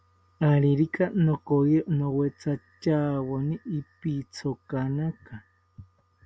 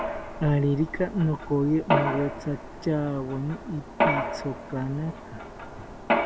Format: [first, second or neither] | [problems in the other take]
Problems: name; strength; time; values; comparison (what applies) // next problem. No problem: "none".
first | background sound (Mechanisms); 2 dB below the speech